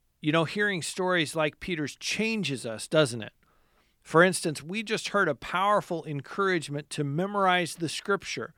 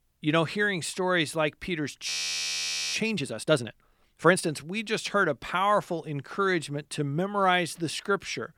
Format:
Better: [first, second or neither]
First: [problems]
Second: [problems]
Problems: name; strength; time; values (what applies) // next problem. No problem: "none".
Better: first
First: none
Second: audio freezing; at 2 s for 1 s